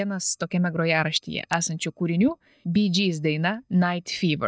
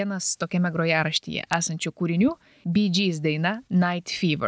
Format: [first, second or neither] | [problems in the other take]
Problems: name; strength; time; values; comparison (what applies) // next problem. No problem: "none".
second | noise reduction (neural mask model DeepFilterNet 3)